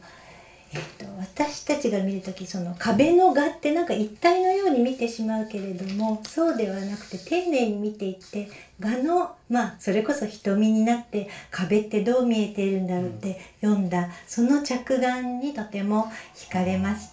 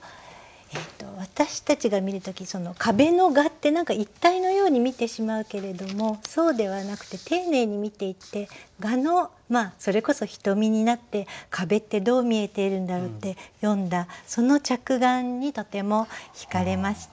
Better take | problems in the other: second | room echo; dies away in 0.3 s

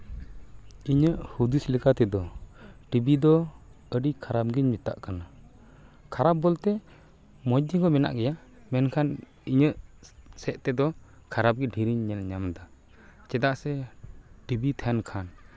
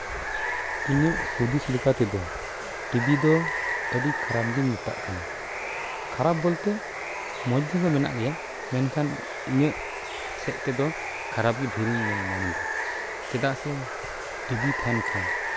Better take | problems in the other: first | background sound (Water); 4 dB below the speech

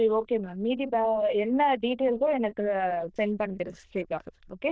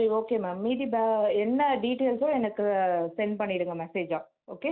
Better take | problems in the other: second | noise reduction (neural diffusion model UNIVERSE++)

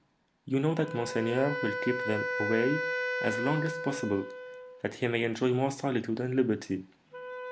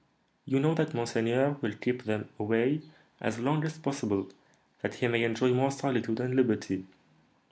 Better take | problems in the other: second | background sound (Wind instrument, woodwind instrument); 6 dB below the speech

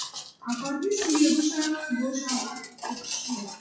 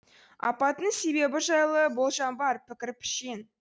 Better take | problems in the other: second | noise reduction (classical method WPE with log-MMSE)

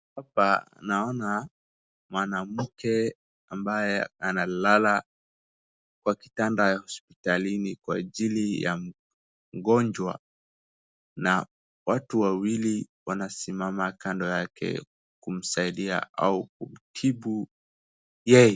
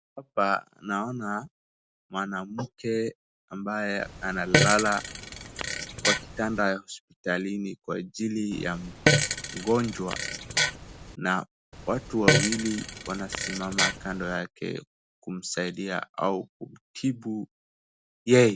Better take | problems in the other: first | background sound (Fart); 1 dB above the speech

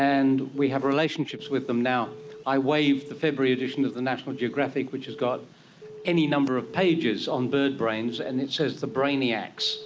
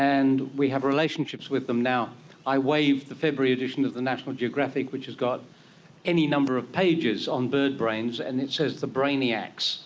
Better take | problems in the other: second | background sound (Alarm / Keyboard (musical)); 19 dB below the speech

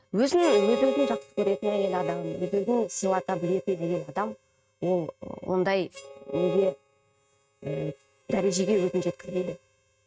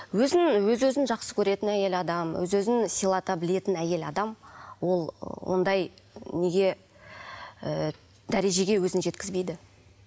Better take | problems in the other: second | noise reduction (neural mask model RNNoise)

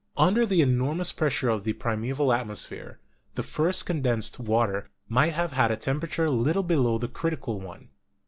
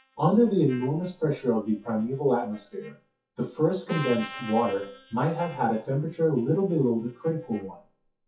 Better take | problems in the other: first | noise reduction (classical method WPE with log-MMSE)

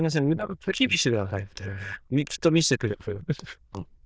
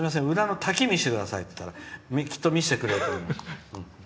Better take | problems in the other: second | noise reduction (neural diffusion model UNIVERSE++)

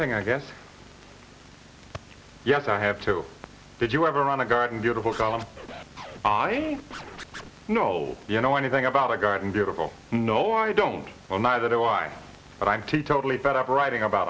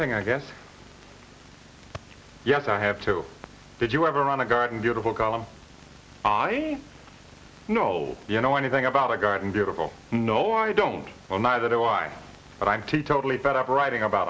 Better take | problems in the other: second | background sound (Scratching (performance technique)); 15 dB below the speech

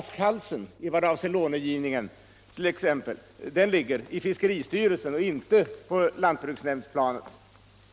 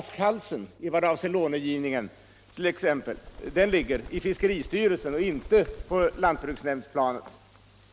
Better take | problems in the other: first | background sound (Bird); 15 dB below the speech

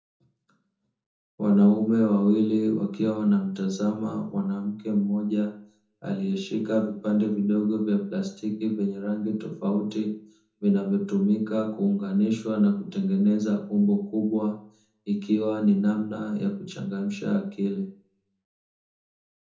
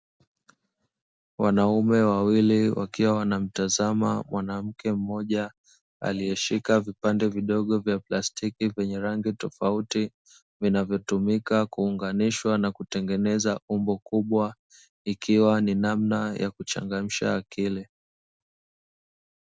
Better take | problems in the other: second | room echo; dies away in 0.5 s

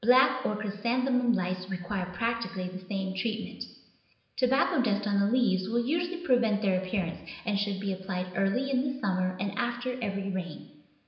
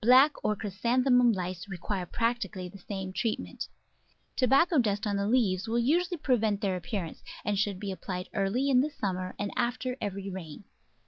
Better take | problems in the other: second | room echo; dies away in 0.9 s

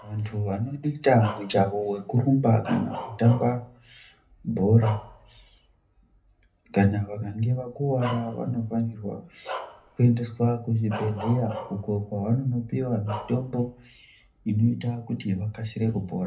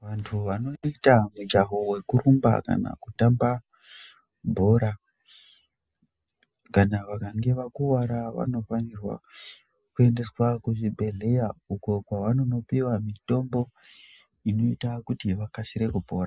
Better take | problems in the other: second | background sound (Bark); 16 dB below the speech // room echo; dies away in 0.3 s

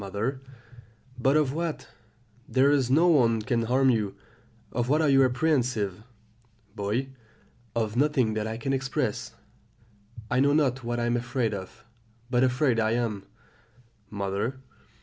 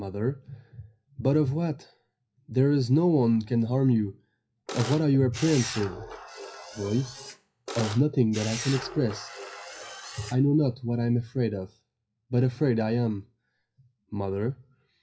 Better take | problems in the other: first | noise reduction (classical method WPE with log-MMSE)

